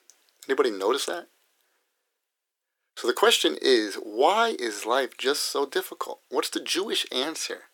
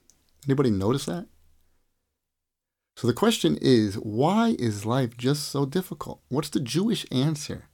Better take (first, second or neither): second